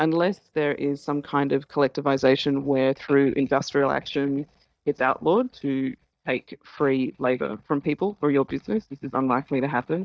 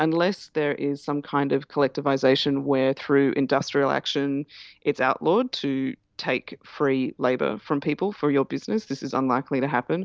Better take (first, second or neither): second